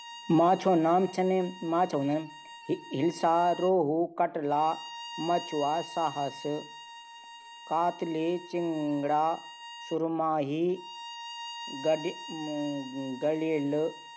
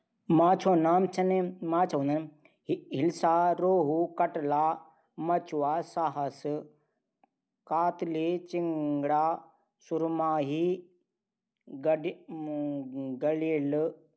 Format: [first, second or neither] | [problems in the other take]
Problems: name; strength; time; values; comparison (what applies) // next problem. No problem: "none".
second | background sound (Bowed string instrument); 15 dB below the speech